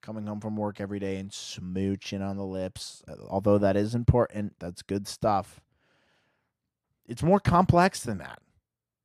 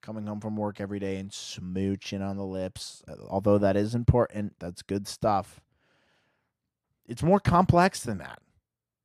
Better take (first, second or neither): neither